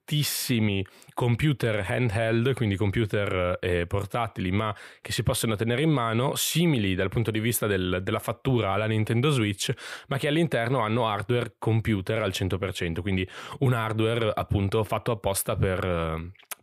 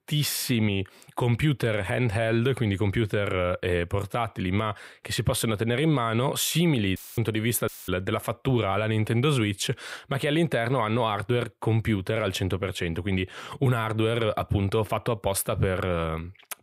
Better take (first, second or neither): first